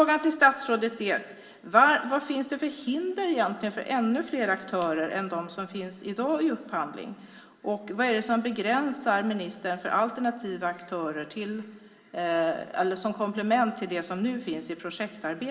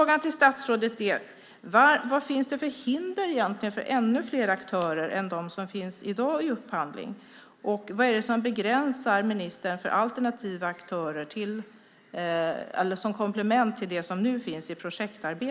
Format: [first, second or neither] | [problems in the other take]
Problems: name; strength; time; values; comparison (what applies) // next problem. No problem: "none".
second | room echo; dies away in 0.9 s